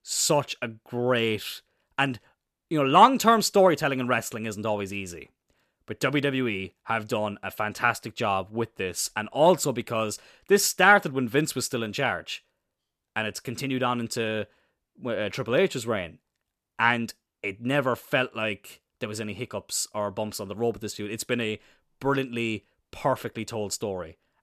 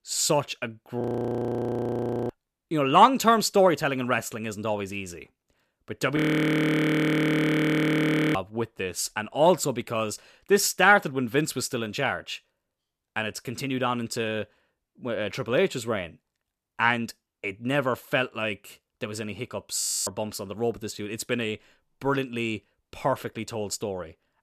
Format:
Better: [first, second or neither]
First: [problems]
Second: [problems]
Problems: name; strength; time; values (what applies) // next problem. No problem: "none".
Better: first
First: none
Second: audio freezing; at 1 s for 1.5 s, at 6 s for 2 s and at 20 s